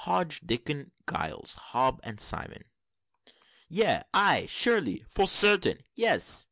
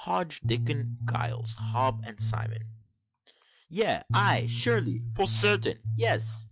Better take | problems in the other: first | noise reduction (classical method log-MMSE)

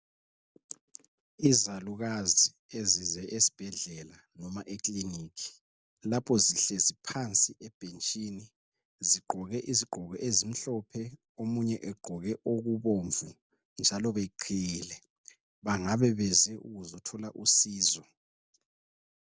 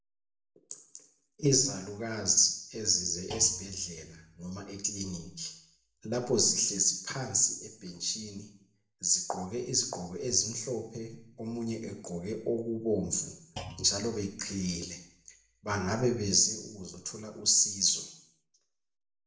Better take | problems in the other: first | background sound (Thump, thud); 19 dB below the speech // room echo; dies away in 0.6 s

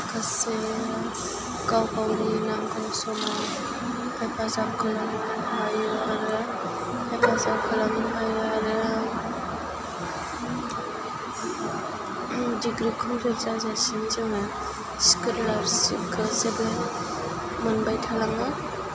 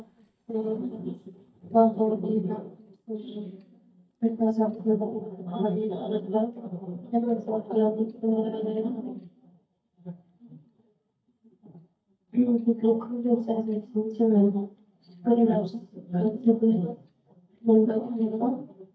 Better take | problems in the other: first | noise reduction (neural mask model DeepFilterNet 3)

